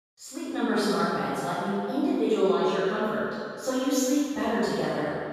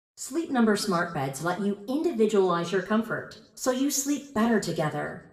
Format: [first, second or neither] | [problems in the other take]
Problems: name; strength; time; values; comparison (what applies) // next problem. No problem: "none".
second | room echo; strong; dies away in 2.1 s; slight in the second // off-mic speech; far; somewhat distant in the second